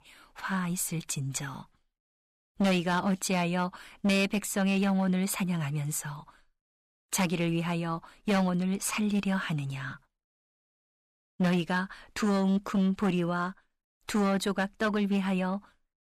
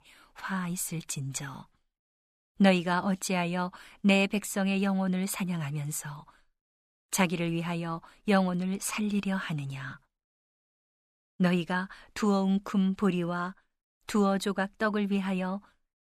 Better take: second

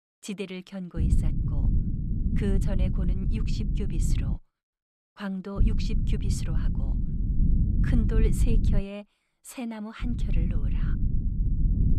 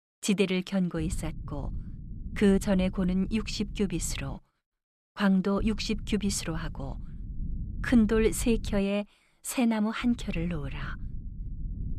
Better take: second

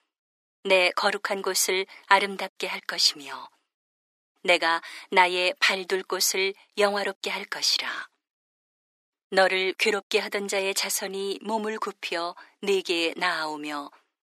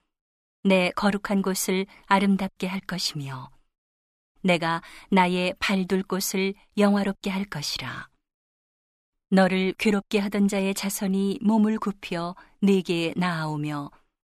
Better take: second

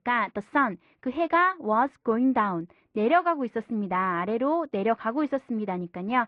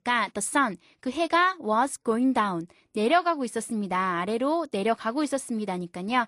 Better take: second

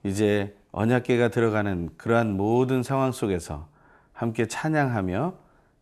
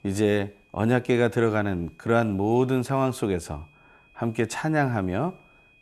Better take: first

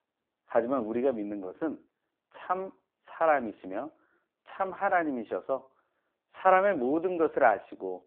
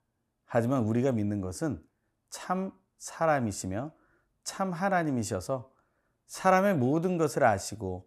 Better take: second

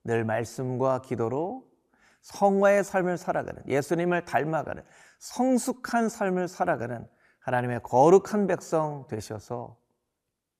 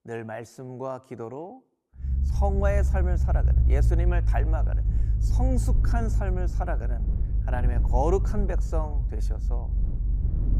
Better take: first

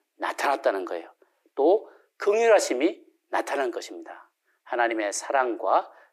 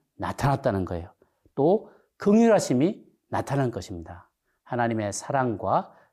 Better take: second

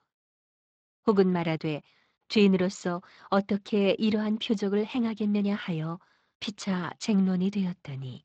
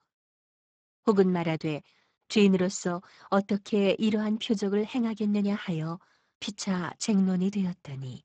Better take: first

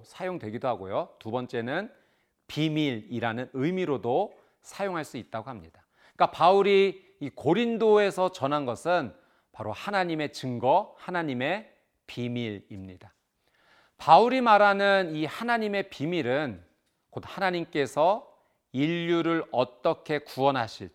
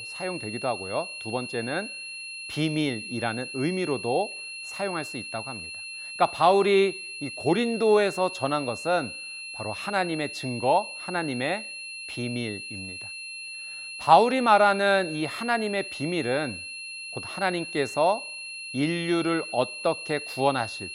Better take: first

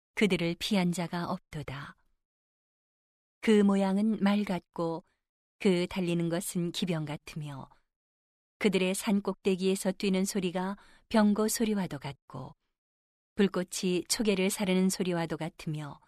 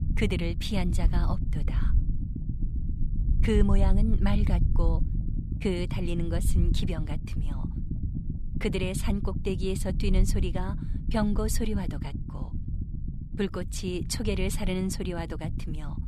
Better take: first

